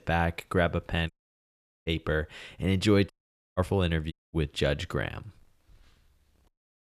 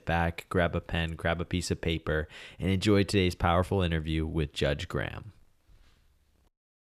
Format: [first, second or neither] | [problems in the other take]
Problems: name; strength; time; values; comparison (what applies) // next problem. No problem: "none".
second | audio cutting out; at 1 s for 1 s, at 3 s and at 4 s